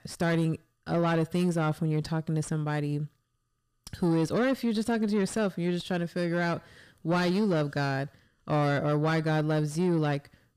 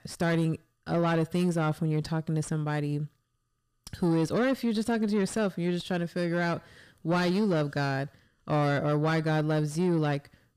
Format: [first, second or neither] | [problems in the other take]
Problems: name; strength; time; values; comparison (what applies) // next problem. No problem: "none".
neither | distortion; slight; 10 dB below the speech; the same in both